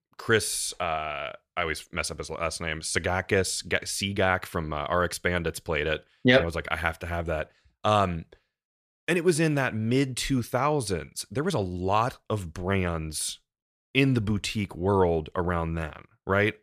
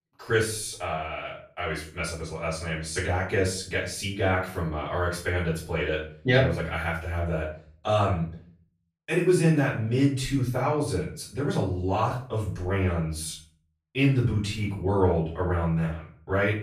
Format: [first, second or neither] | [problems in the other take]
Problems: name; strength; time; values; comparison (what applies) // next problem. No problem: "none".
first | off-mic speech; far // room echo; noticeable; dies away in 0.4 s